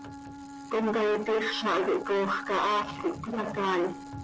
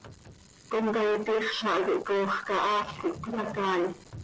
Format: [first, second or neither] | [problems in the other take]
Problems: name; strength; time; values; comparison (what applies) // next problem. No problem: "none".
second | background sound (Wind instrument, woodwind instrument); 14 dB below the speech